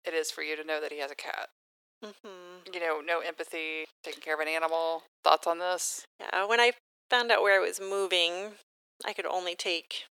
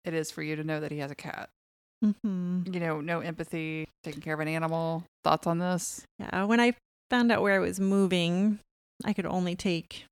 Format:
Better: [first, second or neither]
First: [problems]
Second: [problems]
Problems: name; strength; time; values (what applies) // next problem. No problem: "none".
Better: second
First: thin; very; fading below 400 Hz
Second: none